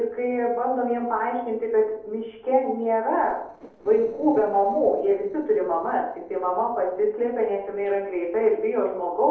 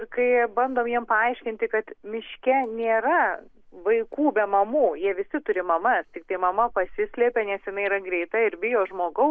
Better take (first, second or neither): second